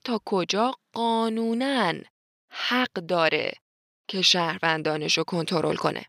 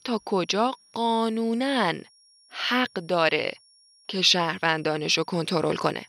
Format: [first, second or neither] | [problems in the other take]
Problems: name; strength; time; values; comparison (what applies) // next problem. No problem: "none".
first | high-pitched whine; faint; throughout; 5.5 kHz, 30 dB below the speech